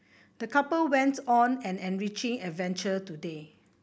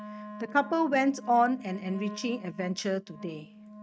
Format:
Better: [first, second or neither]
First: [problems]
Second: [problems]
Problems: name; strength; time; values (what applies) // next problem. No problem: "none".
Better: first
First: none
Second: noise reduction (neural mask model RNNoise)